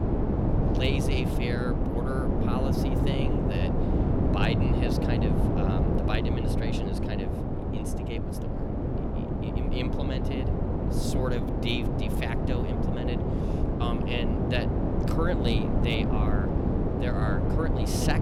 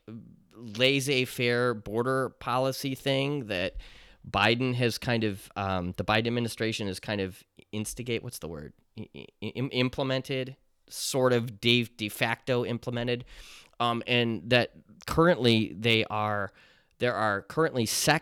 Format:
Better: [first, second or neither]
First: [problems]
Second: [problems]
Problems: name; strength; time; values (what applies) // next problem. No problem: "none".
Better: second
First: wind noise on the microphone; heavy; 2 dB above the speech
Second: none